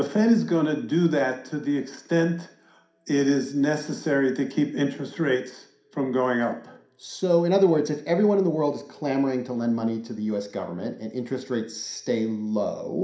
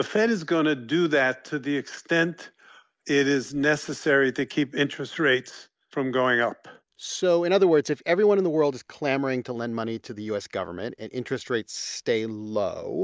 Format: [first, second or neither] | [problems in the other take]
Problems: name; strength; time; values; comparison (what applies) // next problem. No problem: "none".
second | room echo; dies away in 0.5 s